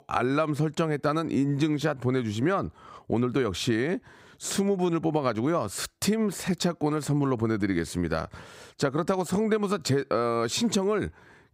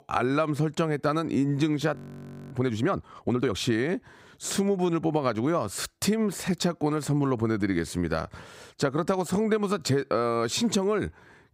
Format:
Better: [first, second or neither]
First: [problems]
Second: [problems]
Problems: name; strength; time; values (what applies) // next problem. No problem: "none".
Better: first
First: none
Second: audio freezing; at 2 s for 0.5 s